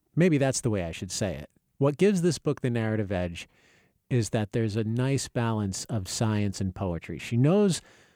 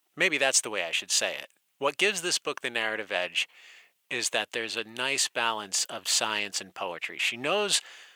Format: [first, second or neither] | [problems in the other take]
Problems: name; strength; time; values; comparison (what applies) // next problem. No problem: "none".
first | thin; very; fading below 900 Hz